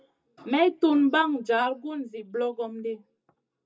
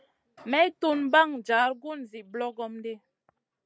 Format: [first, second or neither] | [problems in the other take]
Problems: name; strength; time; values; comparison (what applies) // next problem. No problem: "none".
second | room echo; dies away in 0.2 s